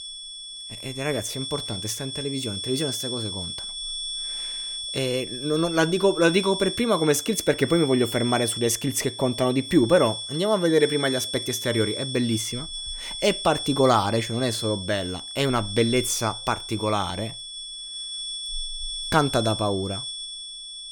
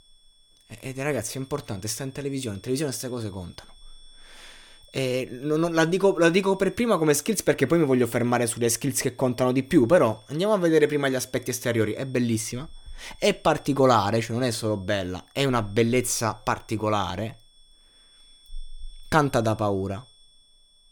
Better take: second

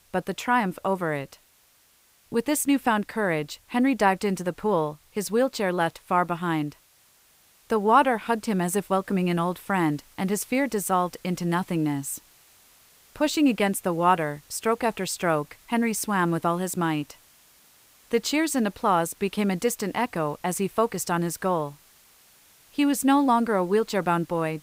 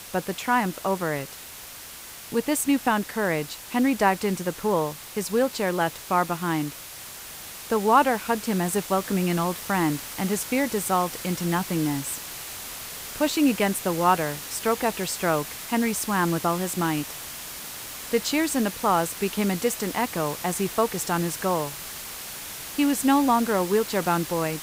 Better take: first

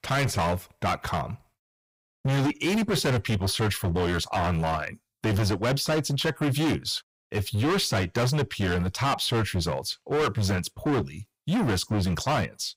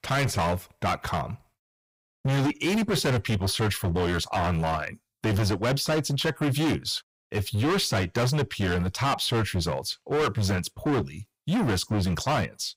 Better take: neither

